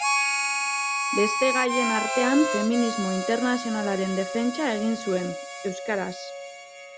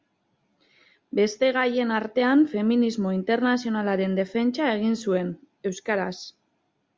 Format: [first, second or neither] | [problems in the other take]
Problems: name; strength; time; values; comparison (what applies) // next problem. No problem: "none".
second | background sound (Harmonica); 2 dB below the speech